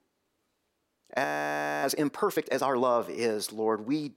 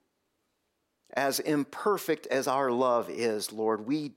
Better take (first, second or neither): second